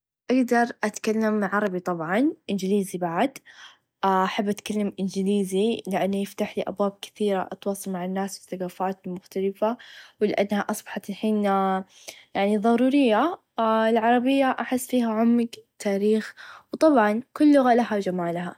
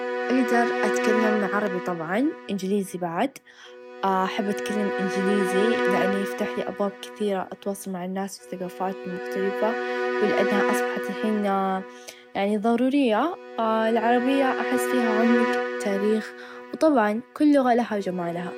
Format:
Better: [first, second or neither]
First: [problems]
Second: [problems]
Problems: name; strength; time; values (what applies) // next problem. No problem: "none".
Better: first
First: none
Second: background sound (Bowed string instrument); 4 dB below the speech